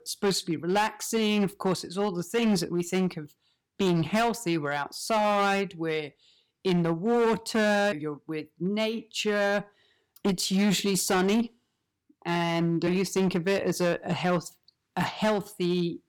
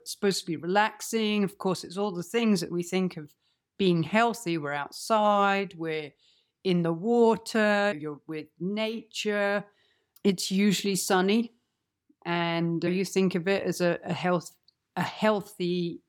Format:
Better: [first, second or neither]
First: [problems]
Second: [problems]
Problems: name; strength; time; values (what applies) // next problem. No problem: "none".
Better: second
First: distortion; slight; 9% of the sound clipped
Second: none